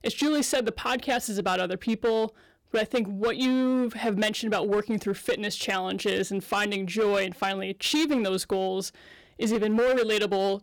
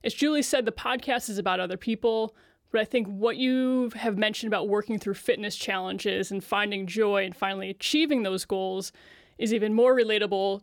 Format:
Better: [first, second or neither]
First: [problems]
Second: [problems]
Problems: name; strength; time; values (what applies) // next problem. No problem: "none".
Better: second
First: distortion; slight; 11% of the sound clipped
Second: none